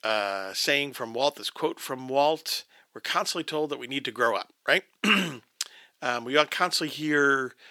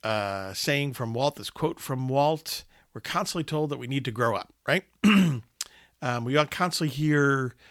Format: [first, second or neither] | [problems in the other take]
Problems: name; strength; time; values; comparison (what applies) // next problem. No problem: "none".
second | thin; somewhat; fading below 350 Hz